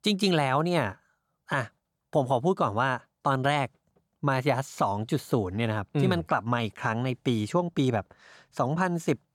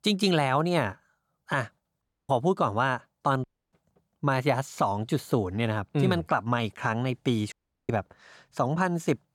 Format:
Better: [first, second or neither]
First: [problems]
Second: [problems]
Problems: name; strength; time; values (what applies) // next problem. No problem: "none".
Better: first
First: none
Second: audio cutting out; at 2 s, at 3.5 s and at 7.5 s